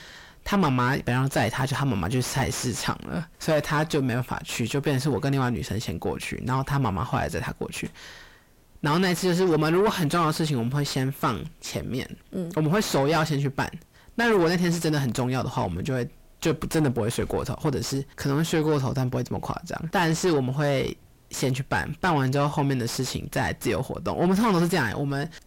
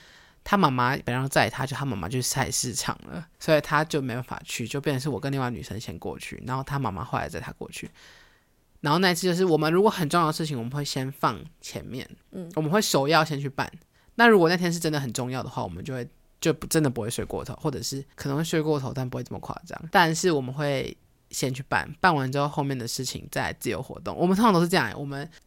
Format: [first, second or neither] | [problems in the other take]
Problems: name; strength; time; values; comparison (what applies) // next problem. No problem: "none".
second | distortion; heavy; 6 dB below the speech